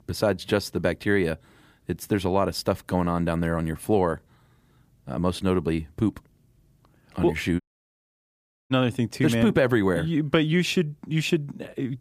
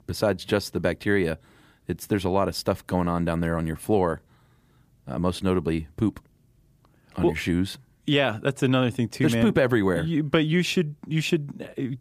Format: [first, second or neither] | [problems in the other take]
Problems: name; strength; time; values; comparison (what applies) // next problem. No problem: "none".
second | audio cutting out; at 7.5 s for 1 s